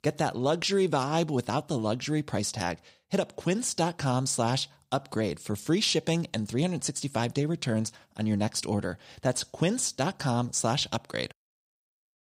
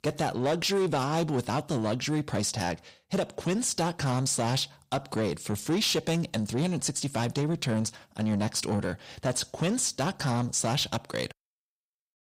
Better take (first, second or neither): first